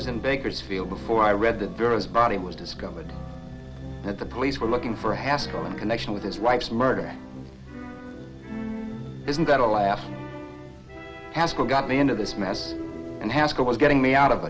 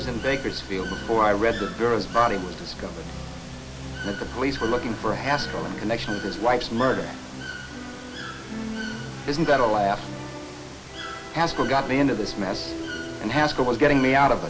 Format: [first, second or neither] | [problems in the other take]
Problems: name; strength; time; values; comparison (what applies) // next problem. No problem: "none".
first | background sound (Water / Bird); 13 dB below the speech